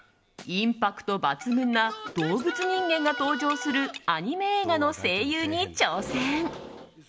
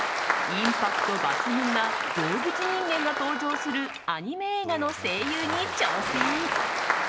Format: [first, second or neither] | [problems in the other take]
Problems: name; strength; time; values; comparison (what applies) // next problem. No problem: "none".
first | background sound (Applause); 1 dB above the speech